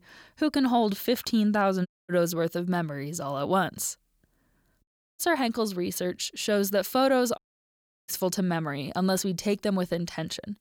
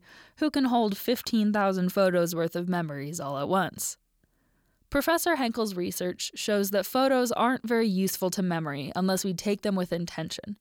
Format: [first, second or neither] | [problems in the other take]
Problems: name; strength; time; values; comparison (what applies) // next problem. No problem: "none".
second | audio cutting out; at 2 s, at 5 s and at 7.5 s for 0.5 s